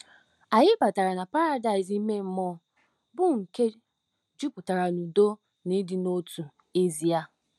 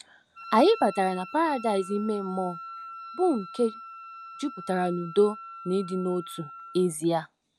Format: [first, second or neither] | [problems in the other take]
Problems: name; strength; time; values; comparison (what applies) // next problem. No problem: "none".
first | background sound (Wind instrument, woodwind instrument); 15 dB below the speech